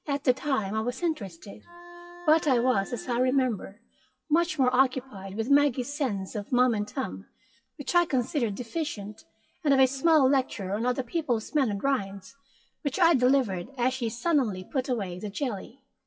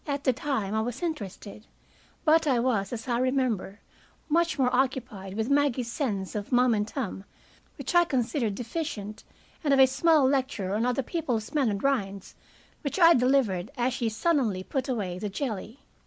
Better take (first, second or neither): second